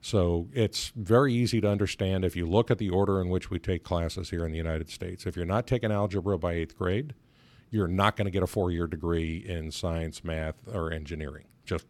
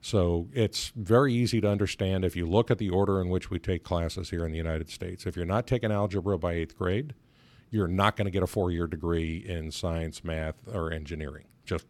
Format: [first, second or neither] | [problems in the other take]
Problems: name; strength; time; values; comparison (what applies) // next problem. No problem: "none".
neither | none